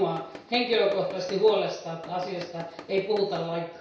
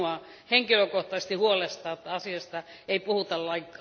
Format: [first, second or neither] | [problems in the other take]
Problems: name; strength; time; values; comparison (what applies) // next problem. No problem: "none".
second | background sound (Tools); 17 dB below the speech // room echo; dies away in 0.6 s